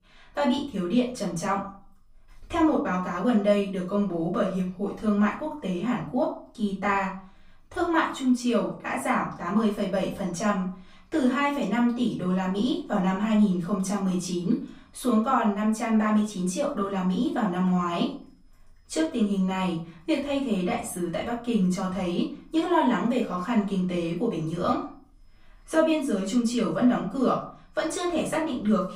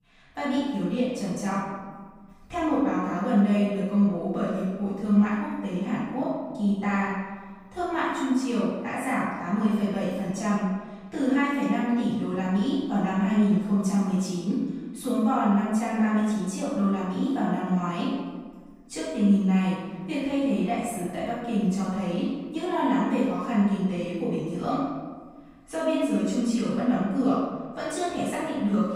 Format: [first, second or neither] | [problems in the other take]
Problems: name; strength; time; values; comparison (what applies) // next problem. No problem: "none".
first | room echo; strong; dies away in 1.2 s; slight in the first // off-mic speech; far; far in the first